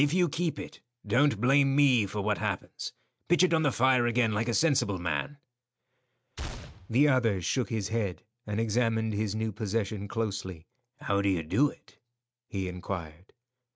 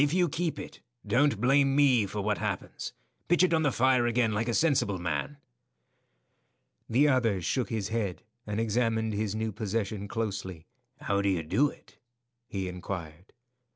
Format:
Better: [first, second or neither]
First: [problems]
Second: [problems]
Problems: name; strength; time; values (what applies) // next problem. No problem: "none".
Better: second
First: noise reduction (neural mask model RNNoise)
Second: none